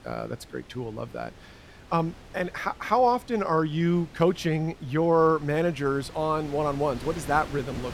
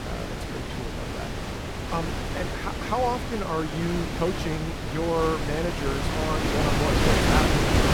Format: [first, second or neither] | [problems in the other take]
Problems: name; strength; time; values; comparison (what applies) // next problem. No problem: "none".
first | wind noise on the microphone; heavy; 1 dB above the speech; occasional gusts in the first